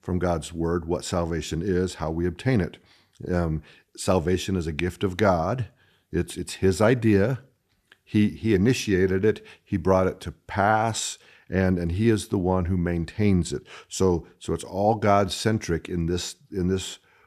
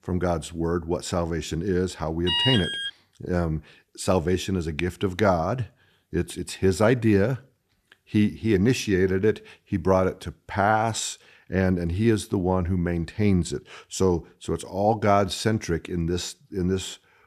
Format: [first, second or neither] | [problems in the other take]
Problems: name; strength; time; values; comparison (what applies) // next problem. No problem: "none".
first | alarm; loud; at 2.5 s; peak 3 dB above the speech